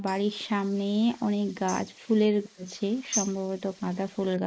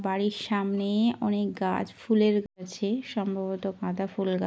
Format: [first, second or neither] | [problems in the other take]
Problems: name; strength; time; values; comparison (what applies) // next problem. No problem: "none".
second | noise reduction (neural mask model Resemble Enhance denoiser)